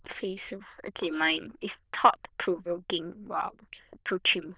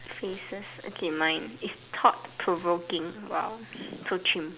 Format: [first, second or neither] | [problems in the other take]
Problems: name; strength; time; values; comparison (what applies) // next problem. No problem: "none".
second | noise reduction (neural diffusion model UNIVERSE++)